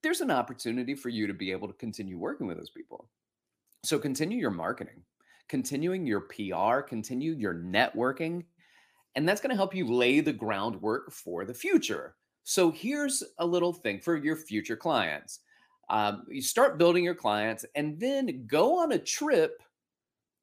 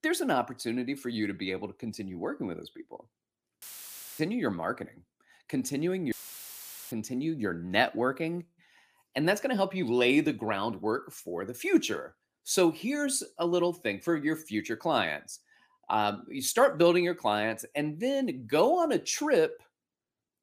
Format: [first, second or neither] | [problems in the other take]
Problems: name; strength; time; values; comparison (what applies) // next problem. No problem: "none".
first | audio cutting out; filled with static; at 3.5 s for 0.5 s and at 6 s for 1 s